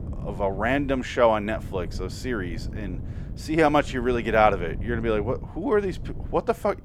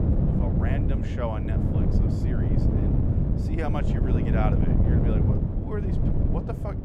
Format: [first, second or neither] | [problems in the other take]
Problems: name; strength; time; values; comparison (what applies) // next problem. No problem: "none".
first | wind noise on the microphone; heavy; 2 dB above the speech; occasional gusts in the first